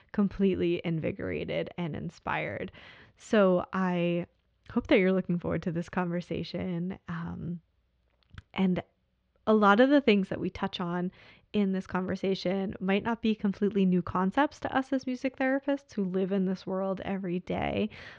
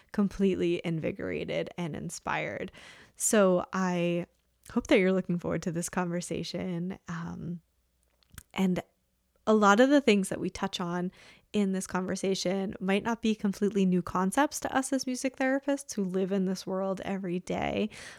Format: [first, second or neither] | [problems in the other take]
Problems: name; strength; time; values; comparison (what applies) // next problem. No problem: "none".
second | muffled; slightly; fading above 4 kHz